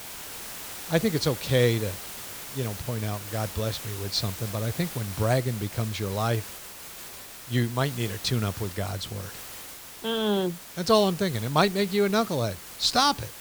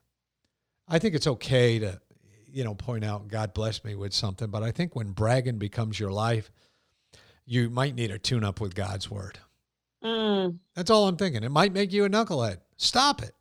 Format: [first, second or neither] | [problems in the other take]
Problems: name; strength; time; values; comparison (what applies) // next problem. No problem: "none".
second | hiss; noticeable; throughout; 10 dB below the speech